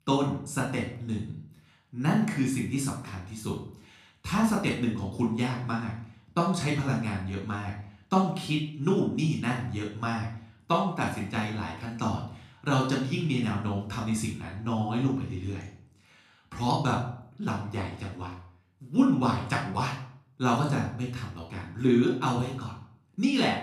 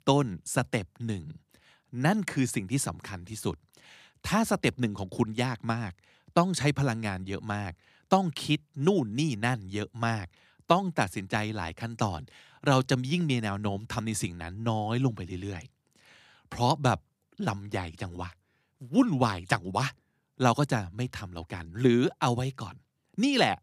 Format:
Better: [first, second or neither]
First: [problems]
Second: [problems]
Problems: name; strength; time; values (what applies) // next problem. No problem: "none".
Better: second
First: off-mic speech; far // room echo; noticeable; dies away in 0.5 s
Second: none